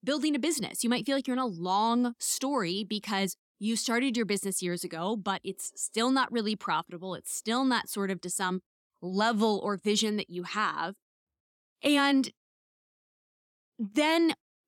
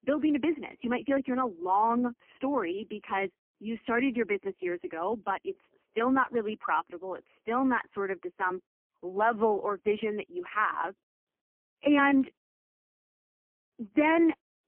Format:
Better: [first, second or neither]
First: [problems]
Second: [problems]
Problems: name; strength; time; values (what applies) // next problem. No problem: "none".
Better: first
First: none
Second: phone-call audio; poor line; nothing above 3 kHz